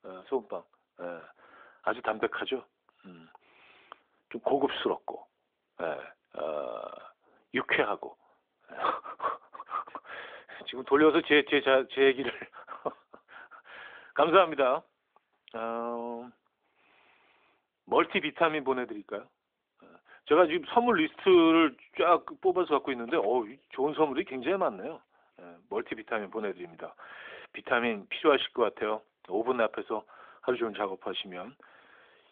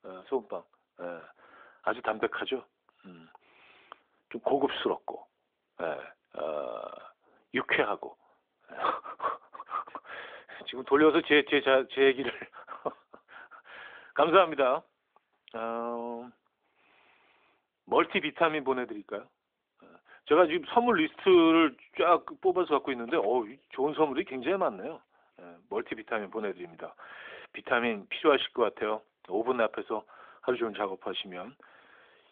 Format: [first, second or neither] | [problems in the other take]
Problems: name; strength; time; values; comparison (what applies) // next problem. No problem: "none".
neither | phone-call audio; nothing above 3.5 kHz; the same in both